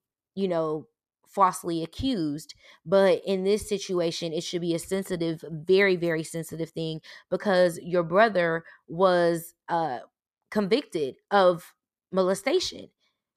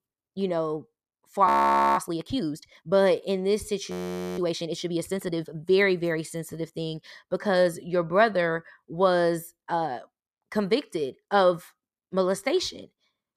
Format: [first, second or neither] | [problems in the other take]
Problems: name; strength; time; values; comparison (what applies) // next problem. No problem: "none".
first | audio freezing; at 1.5 s and at 4 s